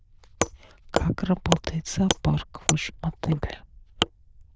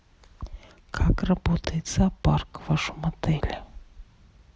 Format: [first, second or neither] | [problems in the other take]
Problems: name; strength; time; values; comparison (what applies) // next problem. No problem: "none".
second | noise reduction (neural diffusion model UNIVERSE++)